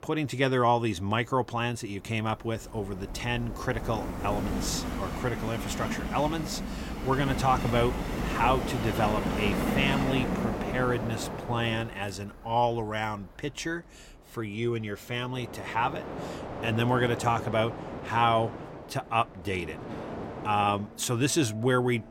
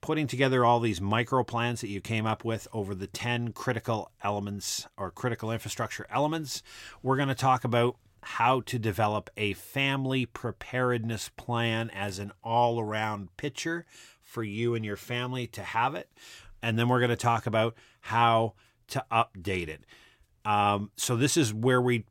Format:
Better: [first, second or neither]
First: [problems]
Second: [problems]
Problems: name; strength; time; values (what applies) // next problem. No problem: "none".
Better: second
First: train or aircraft noise; loud; throughout; 5 dB below the speech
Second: none